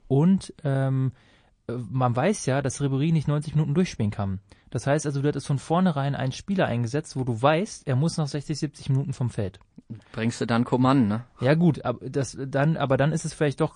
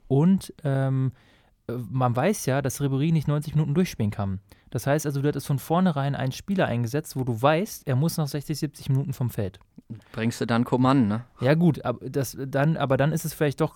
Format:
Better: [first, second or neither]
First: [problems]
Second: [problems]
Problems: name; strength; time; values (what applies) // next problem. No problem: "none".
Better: second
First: garbled, watery; slightly; nothing above 9.5 kHz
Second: none